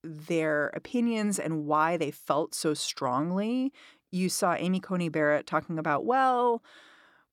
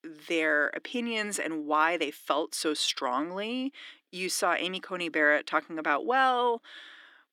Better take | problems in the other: first | thin; somewhat; fading below 300 Hz

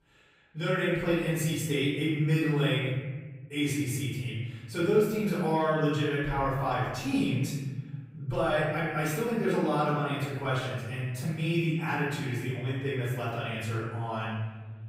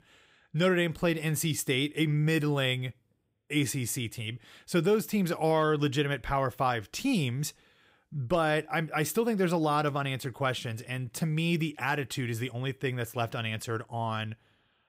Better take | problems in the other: second | off-mic speech; far // room echo; strong; dies away in 1.5 s

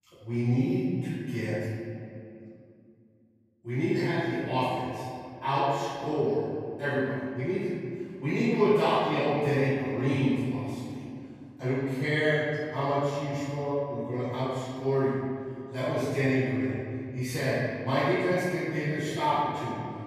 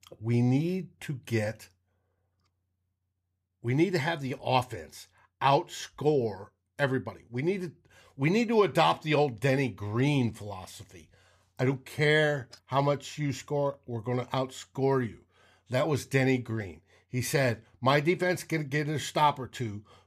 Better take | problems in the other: second | off-mic speech; far // room echo; strong; dies away in 2.4 s

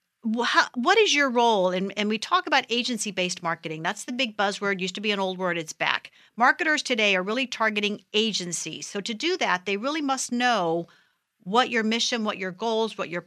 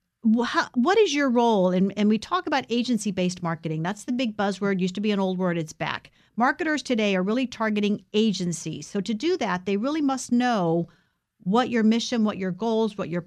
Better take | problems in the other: second | thin; somewhat; fading below 800 Hz

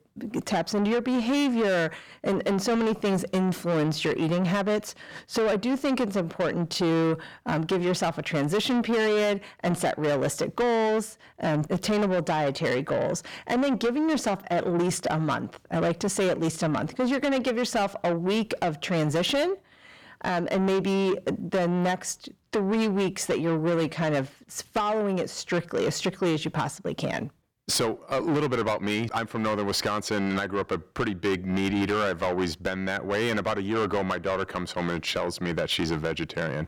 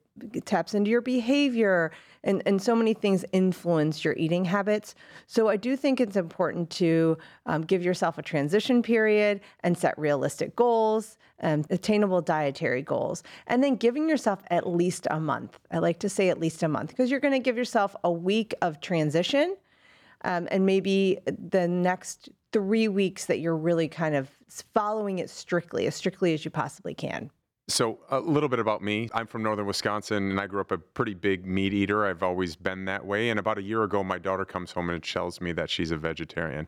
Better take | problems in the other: second | distortion; heavy; 8 dB below the speech

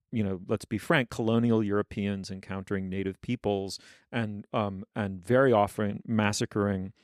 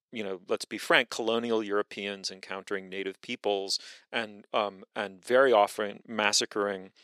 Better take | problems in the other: first | thin; somewhat; fading below 450 Hz

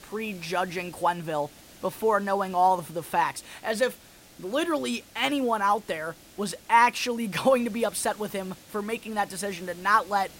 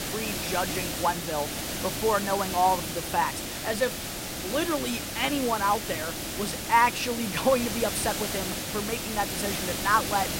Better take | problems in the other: first | hiss; loud; throughout; 3 dB below the speech; faint in the first

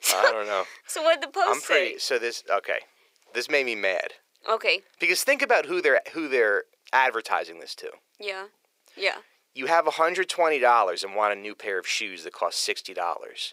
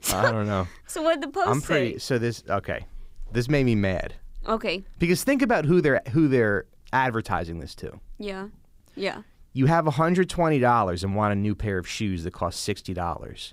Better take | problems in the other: second | thin; very; fading below 450 Hz

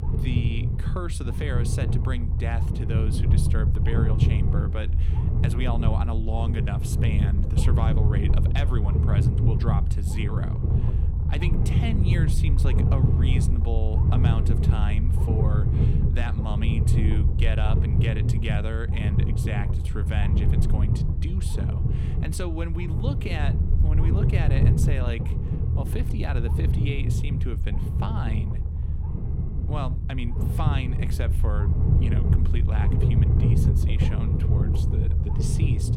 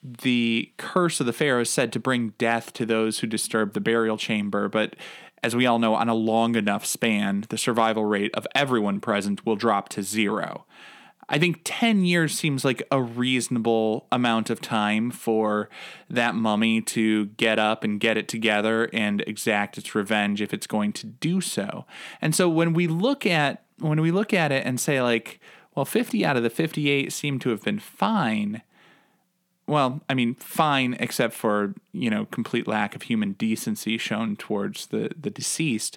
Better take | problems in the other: second | low rumble; loud; throughout; as loud as the speech

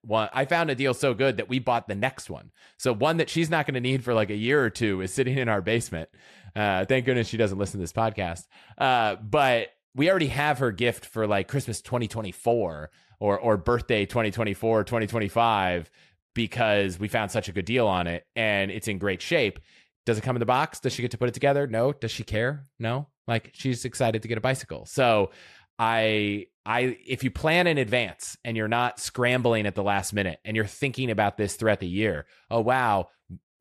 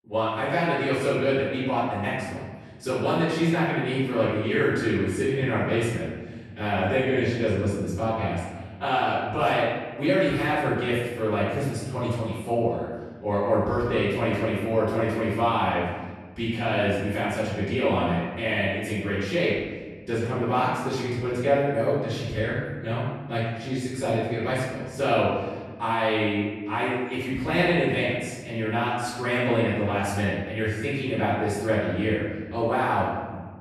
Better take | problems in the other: first | off-mic speech; far // room echo; strong; dies away in 1.4 s

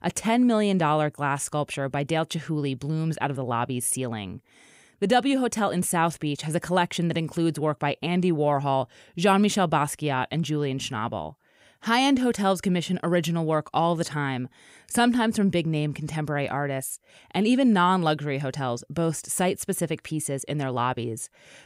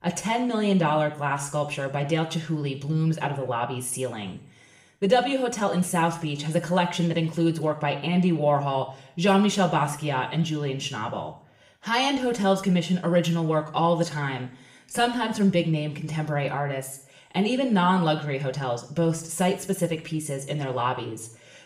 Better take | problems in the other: first | room echo; slight; dies away in 0.5 s // off-mic speech; somewhat distant

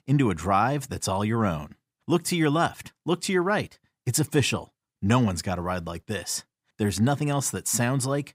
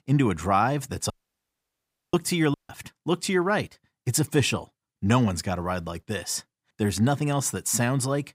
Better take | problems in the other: first | audio cutting out; at 1 s for 1 s and at 2.5 s

